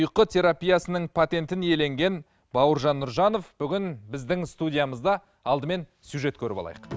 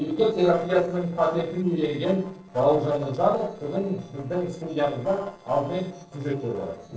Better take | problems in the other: first | noise reduction (neural separator model SepFormer DNS4)

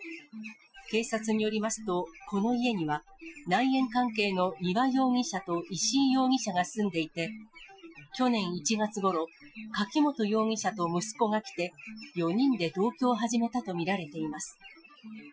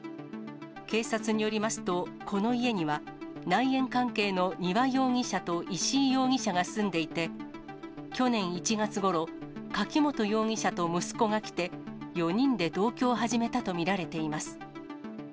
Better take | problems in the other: second | noise reduction (classical method Wiener filter)

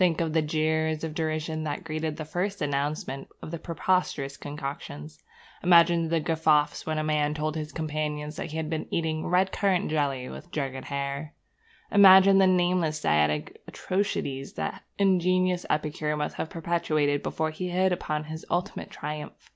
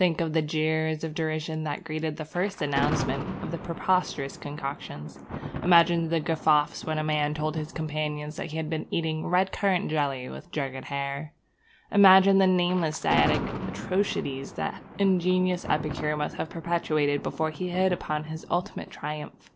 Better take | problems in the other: first | background sound (Thunder); 11 dB below the speech

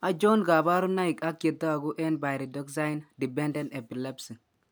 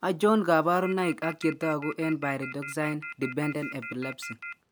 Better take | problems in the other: first | background sound (Telephone); 12 dB below the speech

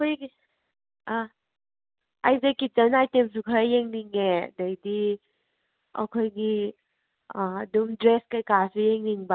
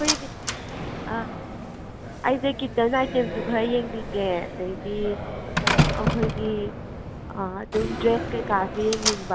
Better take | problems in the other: first | background sound (Slam); 1 dB below the speech

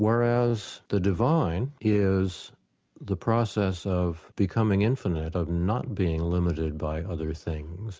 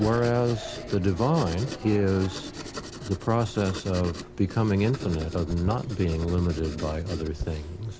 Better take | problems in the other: first | background sound (Writing); 11 dB below the speech

